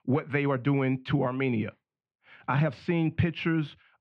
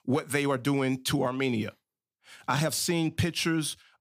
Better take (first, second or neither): second